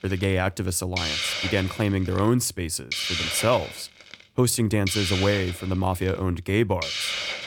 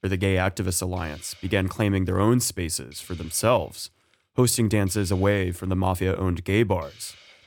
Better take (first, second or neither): second